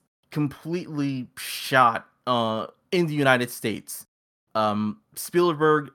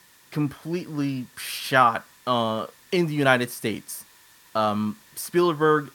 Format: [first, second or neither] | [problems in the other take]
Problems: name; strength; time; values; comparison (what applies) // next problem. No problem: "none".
first | hiss; faint; throughout; 25 dB below the speech